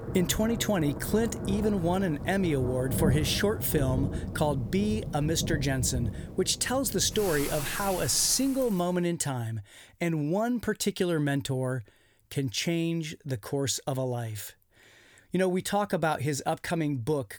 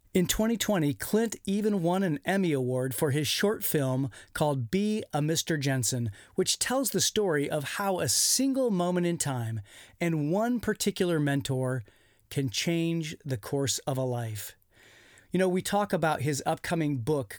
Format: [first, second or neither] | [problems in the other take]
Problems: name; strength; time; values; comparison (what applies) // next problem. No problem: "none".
second | rain or running water; loud; until 8.5 s; 7 dB below the speech